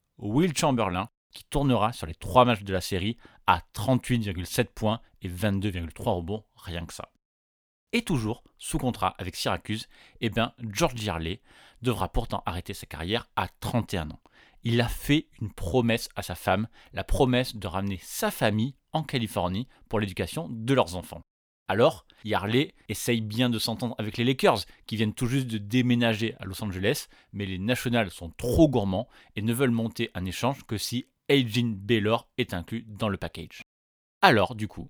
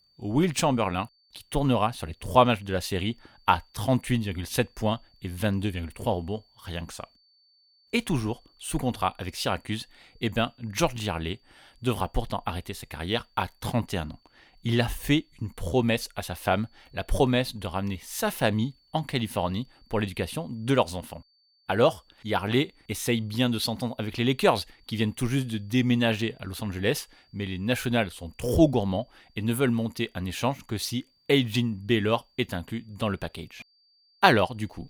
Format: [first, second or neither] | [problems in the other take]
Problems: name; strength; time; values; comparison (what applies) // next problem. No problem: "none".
first | high-pitched whine; faint; throughout; 4.5 kHz, 35 dB below the speech